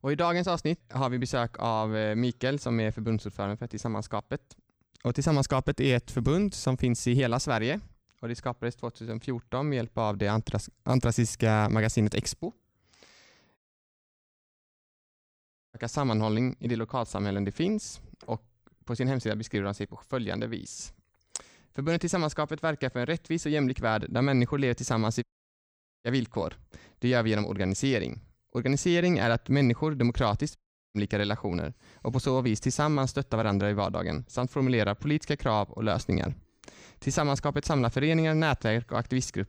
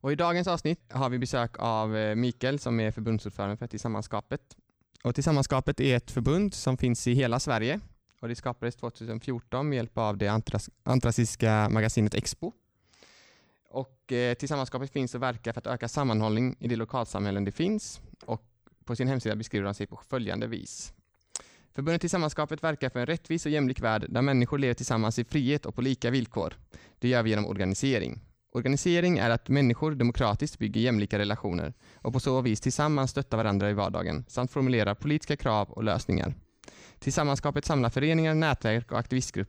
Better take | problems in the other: second | audio cutting out; at 14 s for 2 s, at 25 s for 1 s and at 31 s

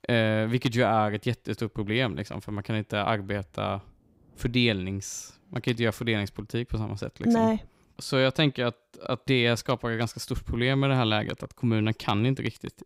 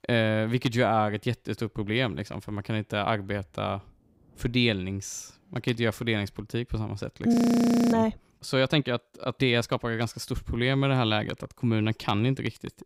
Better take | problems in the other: first | audio freezing; at 7.5 s for 0.5 s

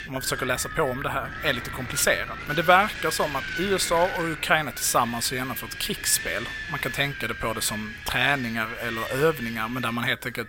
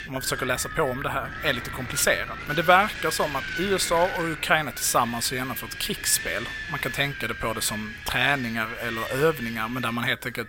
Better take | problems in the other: neither | wind noise on the microphone; heavy; 8 dB below the speech; the same in both

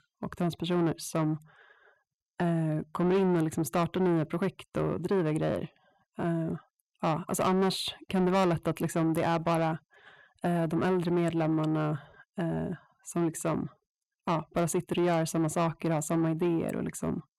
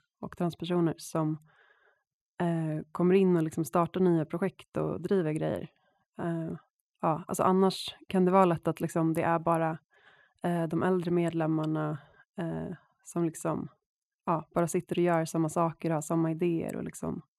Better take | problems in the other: second | distortion; slight; 10 dB below the speech

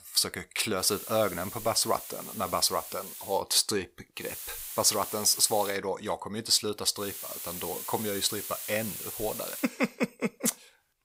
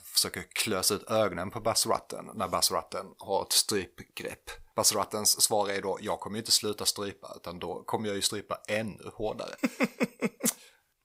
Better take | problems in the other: second | hiss; loud; from 1 to 3.5 s, from 4 to 5.5 s and from 7 to 9.5 s; 9 dB below the speech

